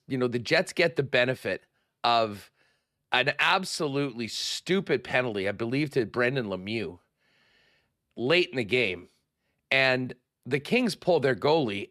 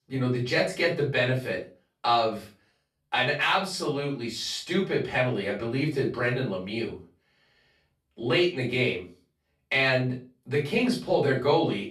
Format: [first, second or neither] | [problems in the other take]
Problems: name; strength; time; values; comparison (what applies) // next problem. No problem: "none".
first | room echo; slight; dies away in 0.3 s // off-mic speech; far